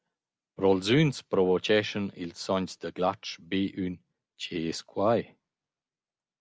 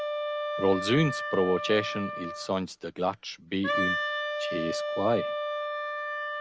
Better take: first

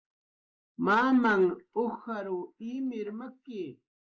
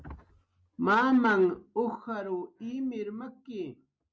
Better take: second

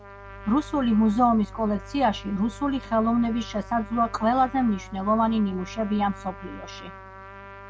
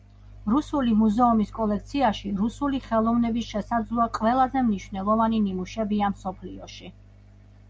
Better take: second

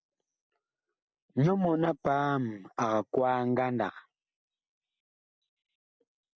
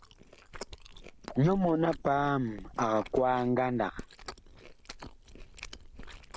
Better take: first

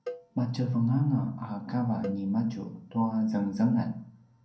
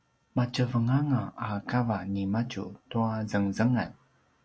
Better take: second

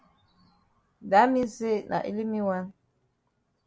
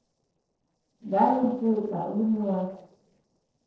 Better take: first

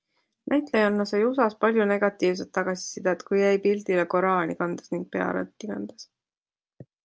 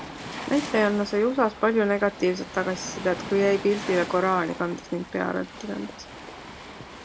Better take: first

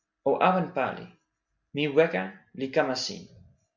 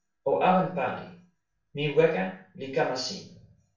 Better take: first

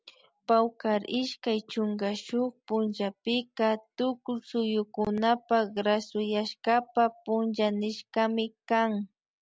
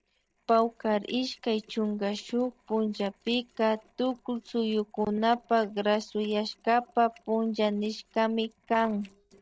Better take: first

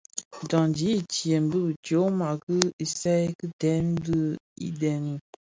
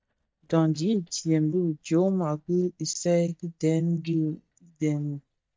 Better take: first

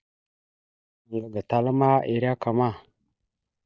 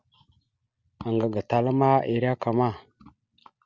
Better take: second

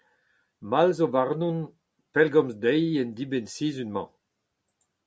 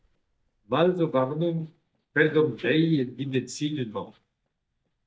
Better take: first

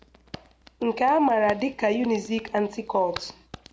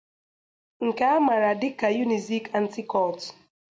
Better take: second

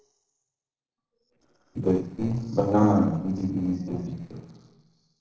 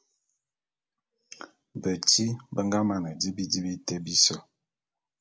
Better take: second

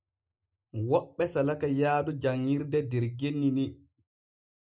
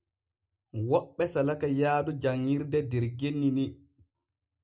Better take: second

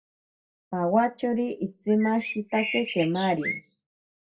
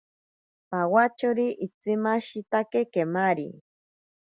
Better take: second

